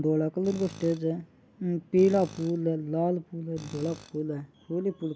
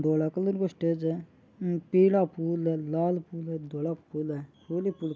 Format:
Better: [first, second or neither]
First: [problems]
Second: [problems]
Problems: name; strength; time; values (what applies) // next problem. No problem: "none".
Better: second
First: background sound (Tools); 20 dB below the speech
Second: none